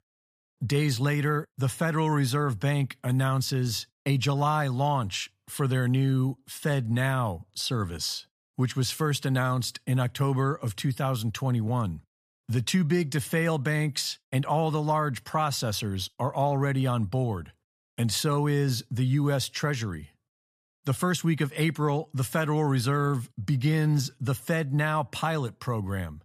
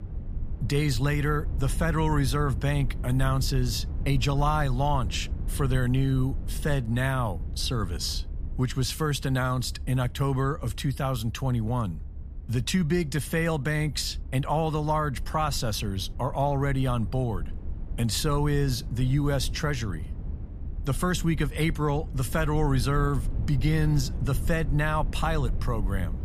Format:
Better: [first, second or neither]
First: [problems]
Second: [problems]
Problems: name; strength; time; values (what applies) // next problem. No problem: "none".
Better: first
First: none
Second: low rumble; noticeable; throughout; 20 dB below the speech